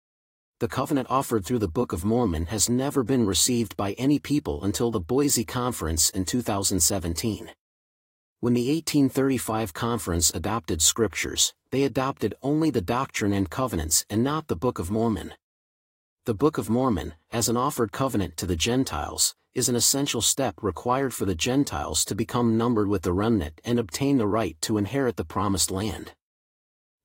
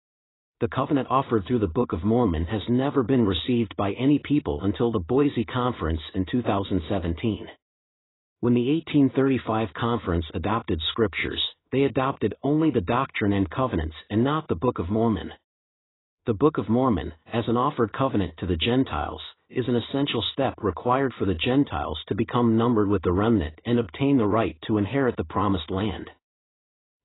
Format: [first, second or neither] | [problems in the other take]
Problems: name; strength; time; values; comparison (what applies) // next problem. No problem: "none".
first | garbled, watery; badly; nothing above 4 kHz; slightly in the first